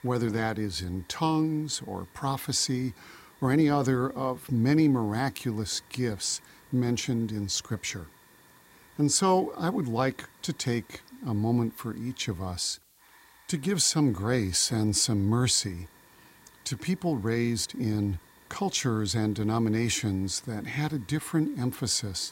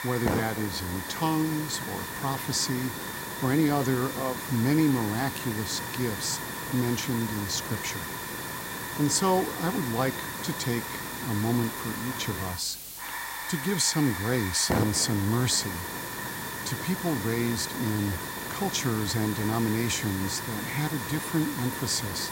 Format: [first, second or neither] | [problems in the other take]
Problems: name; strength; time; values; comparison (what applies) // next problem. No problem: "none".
first | hiss; loud; throughout; 5 dB below the speech; faint in the first